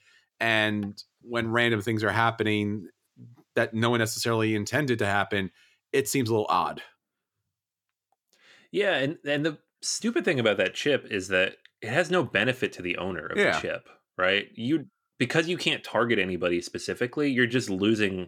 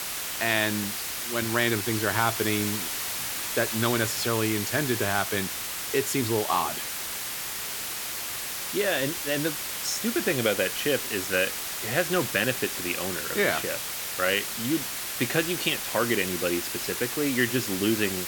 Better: first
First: none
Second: hiss; loud; throughout; 2 dB below the speech

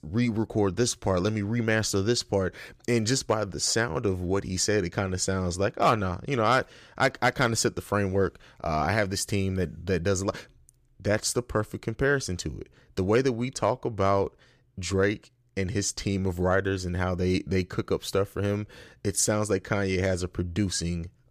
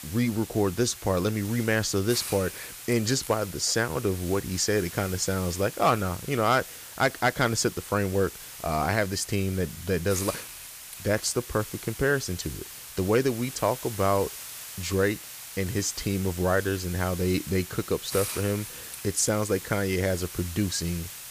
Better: first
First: none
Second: hiss; noticeable; throughout; 10 dB below the speech

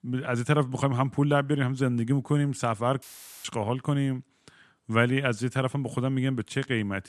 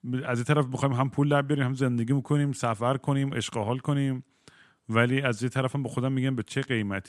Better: second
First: audio cutting out; filled with static; at 3 s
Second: none

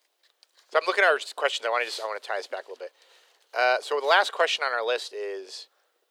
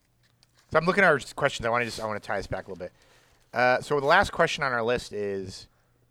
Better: second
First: thin; very; fading below 400 Hz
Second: none

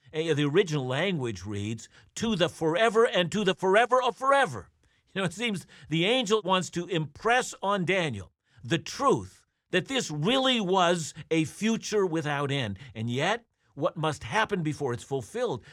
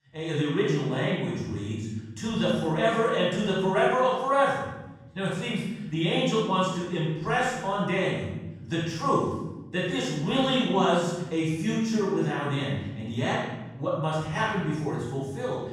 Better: first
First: none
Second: room echo; strong; dies away in 1.4 s // off-mic speech; far

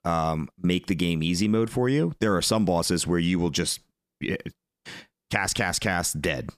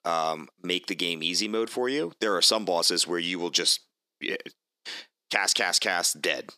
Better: first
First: none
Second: thin; somewhat; fading below 350 Hz

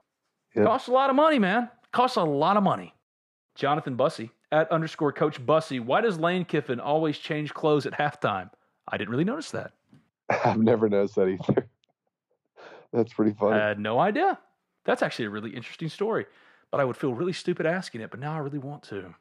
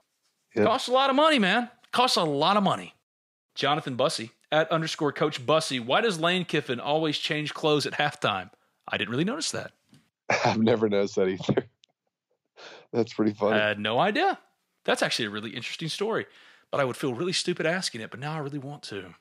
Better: second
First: muffled; slightly; fading above 2.5 kHz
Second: none

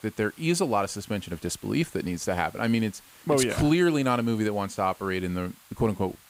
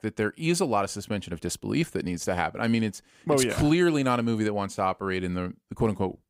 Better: second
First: hiss; faint; throughout; 25 dB below the speech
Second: none

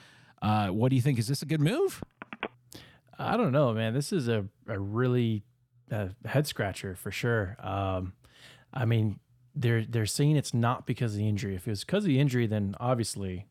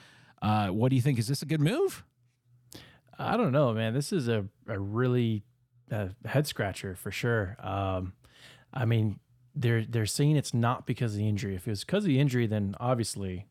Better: second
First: phone ringing; noticeable; at 2 s; peak 10 dB below the speech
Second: none

